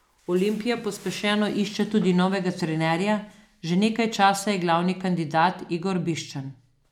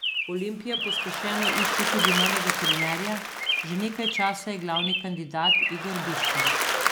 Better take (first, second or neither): first